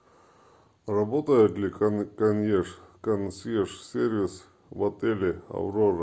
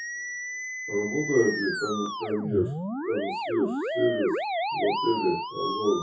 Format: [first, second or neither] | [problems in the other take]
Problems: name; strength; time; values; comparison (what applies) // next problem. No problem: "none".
first | noise reduction (classical method WPE with log-MMSE)